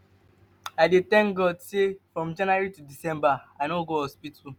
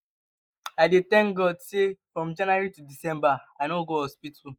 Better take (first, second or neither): first